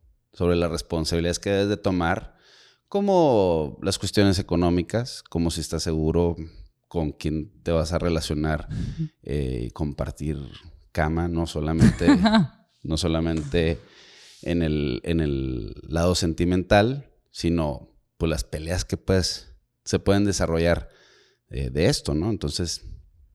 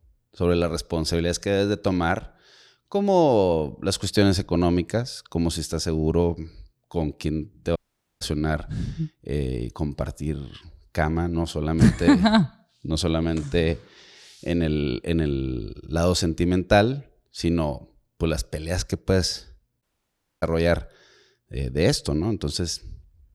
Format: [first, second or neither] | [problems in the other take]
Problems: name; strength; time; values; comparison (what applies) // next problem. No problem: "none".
first | audio cutting out; at 8 s and at 20 s for 0.5 s